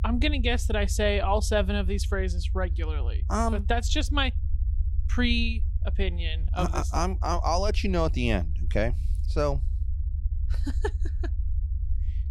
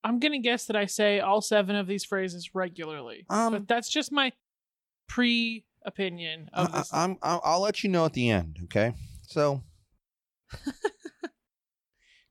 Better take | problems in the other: second | low rumble; faint; throughout; 20 dB below the speech

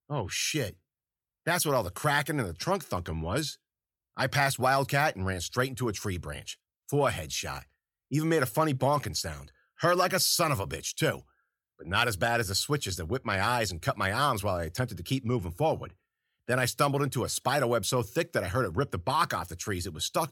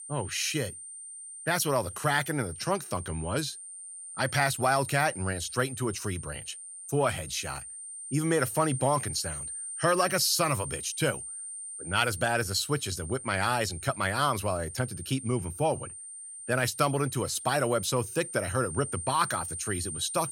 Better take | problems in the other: first | high-pitched whine; loud; throughout; 9 kHz, 9 dB below the speech

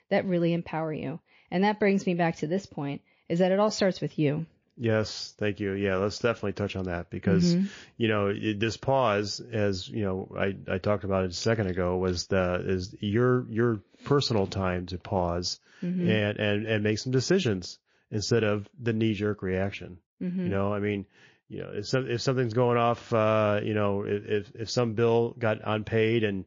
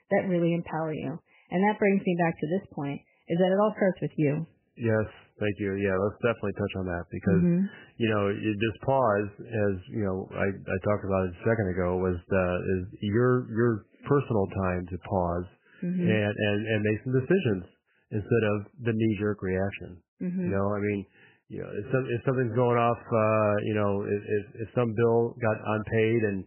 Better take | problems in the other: first | garbled, watery; badly; nothing above 3 kHz; slightly in the first

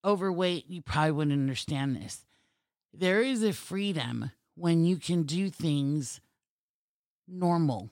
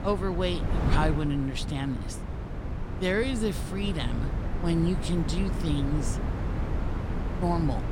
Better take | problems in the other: first | wind noise on the microphone; heavy; 7 dB below the speech

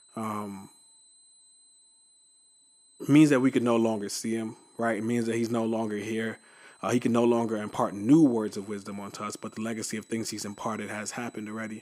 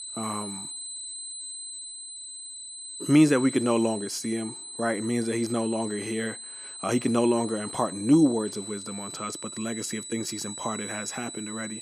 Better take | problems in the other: first | high-pitched whine; loud; throughout; 8 kHz, 9 dB below the speech; faint in the first

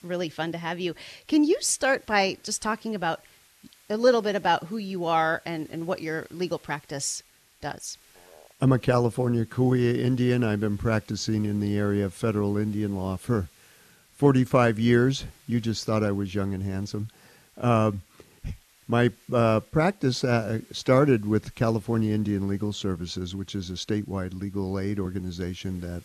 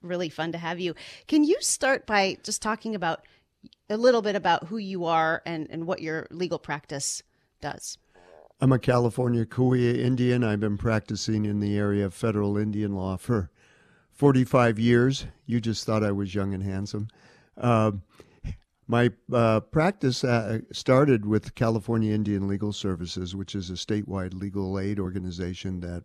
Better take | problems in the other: second | hiss; faint; throughout; 30 dB below the speech

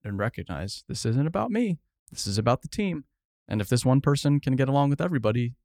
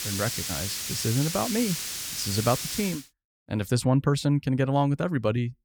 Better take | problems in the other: first | hiss; loud; until 3 s; 3 dB below the speech

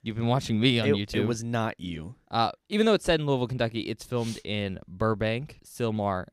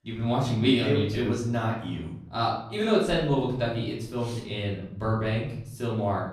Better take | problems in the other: first | off-mic speech; far // room echo; noticeable; dies away in 0.7 s

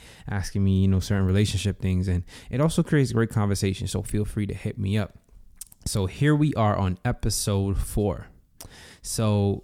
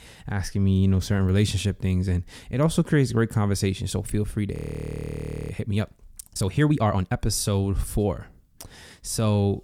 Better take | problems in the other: first | audio freezing; at 4.5 s for 1 s

